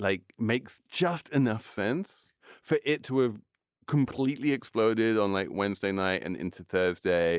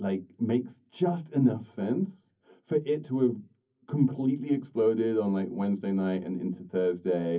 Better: first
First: none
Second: room echo; dies away in 0.3 s

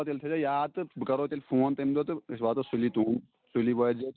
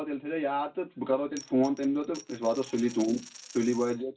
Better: first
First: none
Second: background sound (Coin (dropping)); 19 dB below the speech // room echo; dies away in 0.2 s

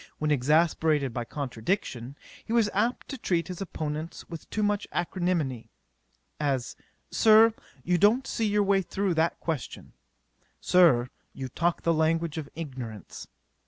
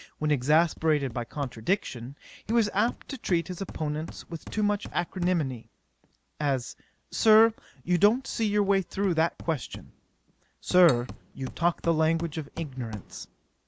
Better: first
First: none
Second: background sound (Hammer + Cutlery, silverware); 19 dB below the speech

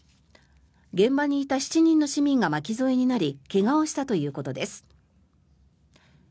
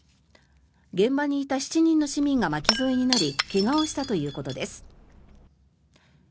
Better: first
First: none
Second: background sound (Shatter / Crushing); 6 dB below the speech

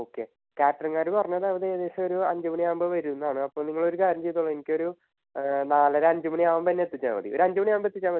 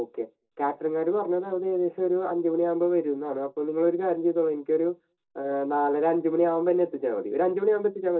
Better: first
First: none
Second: room echo; dies away in 0.2 s

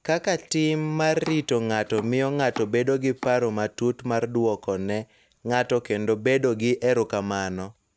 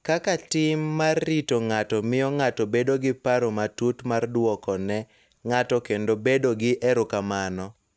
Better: second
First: background sound (Domestic sounds, home sounds); 17 dB below the speech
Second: none

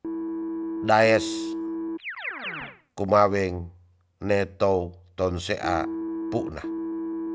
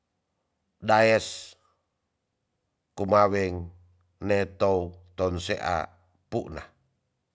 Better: second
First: background sound (Keyboard (musical)); 6 dB below the speech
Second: none

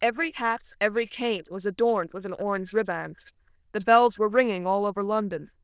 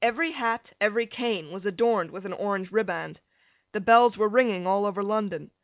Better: second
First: noise reduction (neural diffusion model UNIVERSE++)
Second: none

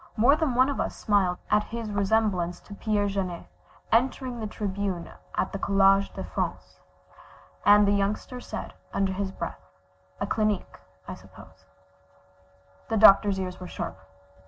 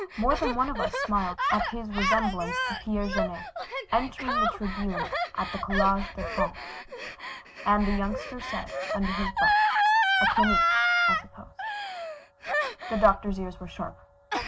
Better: first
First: none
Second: background sound (Gasp); 1 dB above the speech

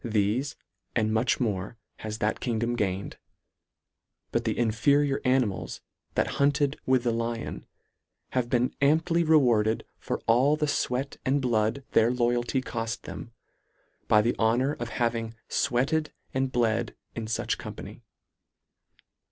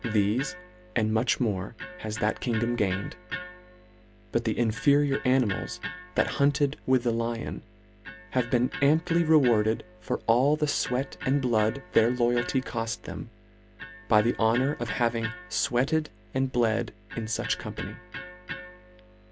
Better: first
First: none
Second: background sound (Electric guitar); 14 dB below the speech

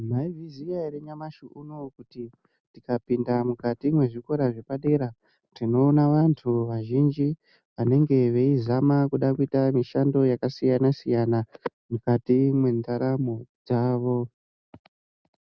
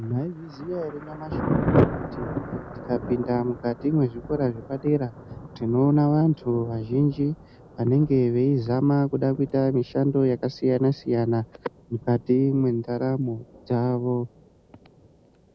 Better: first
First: none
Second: background sound (Thunder); 8 dB below the speech

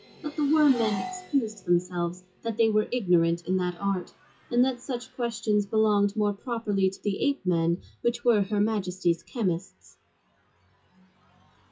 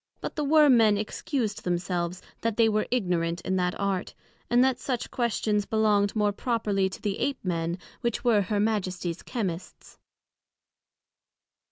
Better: second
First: noise reduction (classical method WPE with log-MMSE)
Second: none

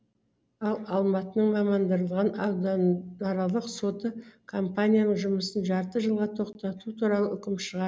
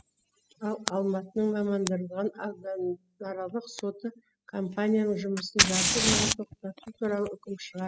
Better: first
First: none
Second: noise reduction (classical method spectral subtraction)

